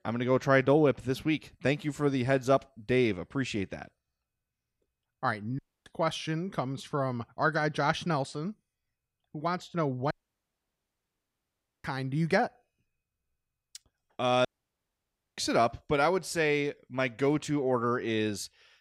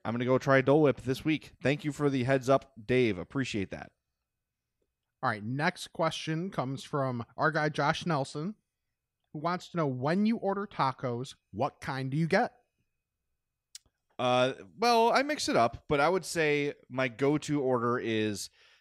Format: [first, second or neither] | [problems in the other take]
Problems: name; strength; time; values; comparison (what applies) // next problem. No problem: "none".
second | audio cutting out; at 5.5 s, at 10 s for 1.5 s and at 14 s for 1 s